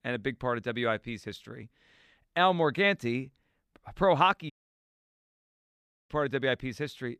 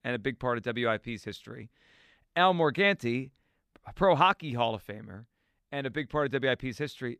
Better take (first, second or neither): second